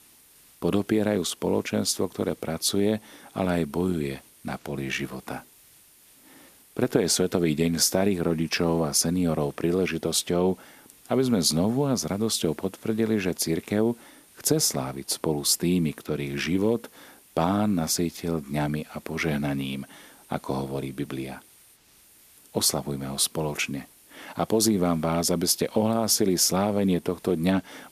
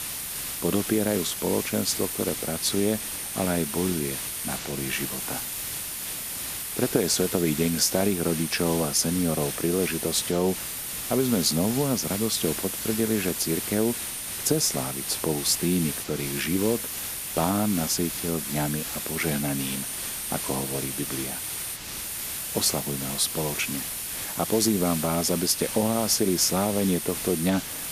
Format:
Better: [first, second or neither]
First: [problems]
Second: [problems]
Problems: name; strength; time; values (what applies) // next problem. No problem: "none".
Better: first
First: hiss; faint; throughout; 25 dB below the speech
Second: hiss; loud; throughout; 4 dB below the speech